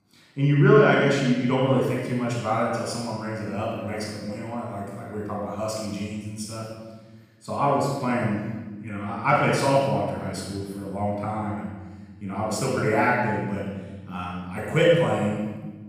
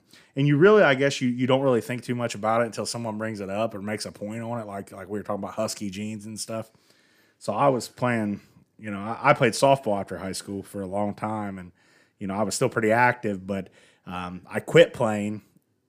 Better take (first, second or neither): second